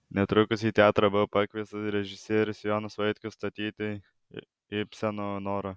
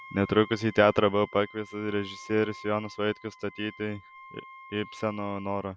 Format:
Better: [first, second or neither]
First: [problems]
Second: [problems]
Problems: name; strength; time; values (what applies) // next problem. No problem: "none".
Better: first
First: none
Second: background sound (Wind instrument, woodwind instrument); 19 dB below the speech